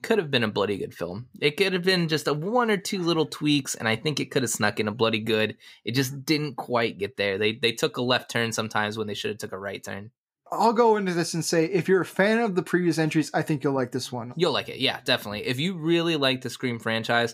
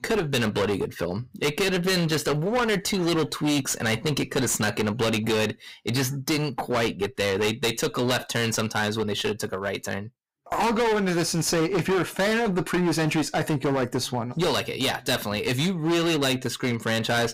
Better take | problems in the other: first | distortion; heavy; 24% of the sound clipped

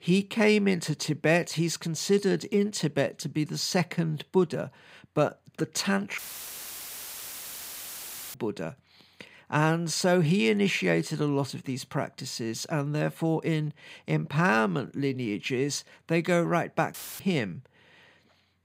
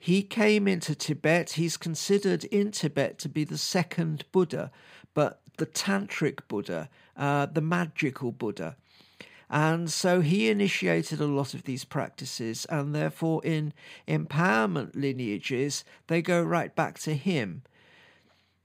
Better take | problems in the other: second | audio cutting out; filled with static; at 6 s for 2 s and at 17 s

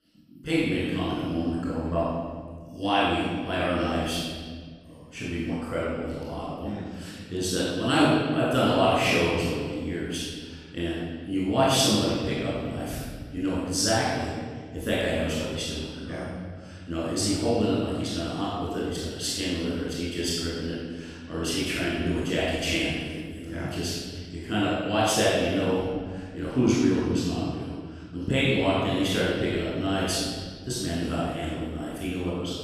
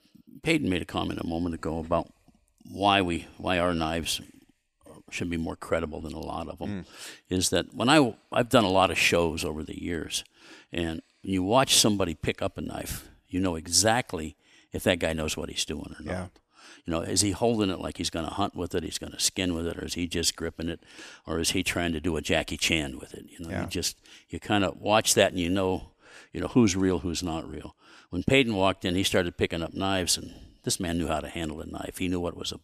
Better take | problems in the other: second | off-mic speech; far // room echo; strong; dies away in 1.8 s

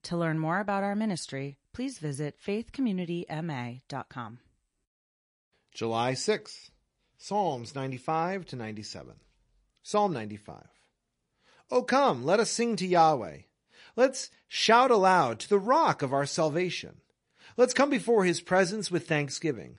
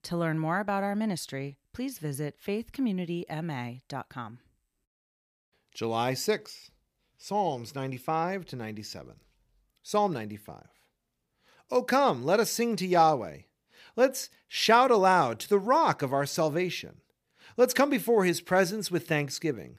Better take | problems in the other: second | garbled, watery; slightly; nothing above 10.5 kHz

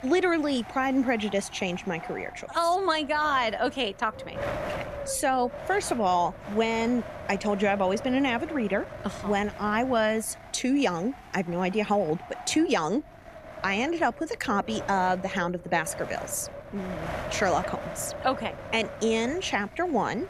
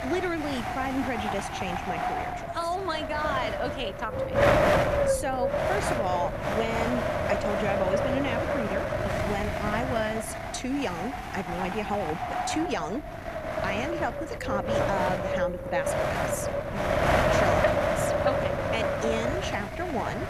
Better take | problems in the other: first | wind noise on the microphone; heavy; 4 dB above the speech; occasional gusts in the first

